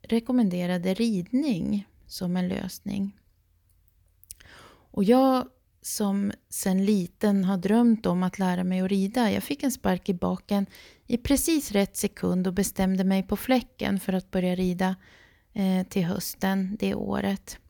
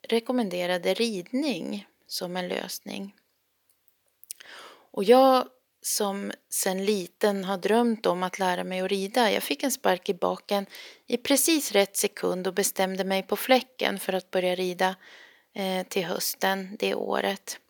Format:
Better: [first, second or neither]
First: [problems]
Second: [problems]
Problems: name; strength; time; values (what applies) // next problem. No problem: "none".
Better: first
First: none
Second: thin; somewhat; fading below 450 Hz